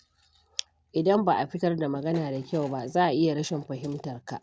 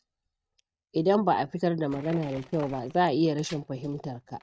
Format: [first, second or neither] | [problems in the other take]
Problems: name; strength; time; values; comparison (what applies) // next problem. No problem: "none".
first | noise reduction (neural mask model RNNoise)